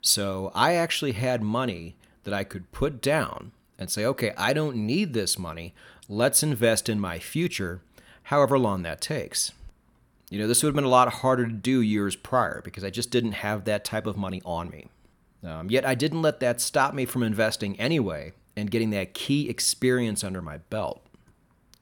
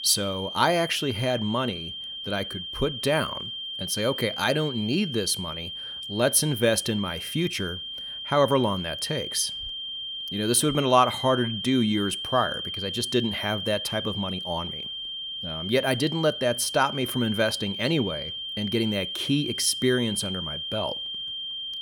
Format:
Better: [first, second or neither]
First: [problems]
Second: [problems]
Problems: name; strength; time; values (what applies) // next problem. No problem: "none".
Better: first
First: none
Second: high-pitched whine; loud; throughout; 3 kHz, 6 dB below the speech